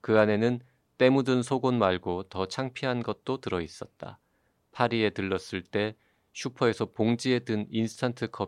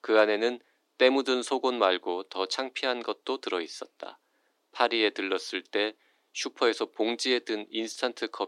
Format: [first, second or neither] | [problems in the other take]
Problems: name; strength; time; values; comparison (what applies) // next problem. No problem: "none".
first | thin; somewhat; fading below 300 Hz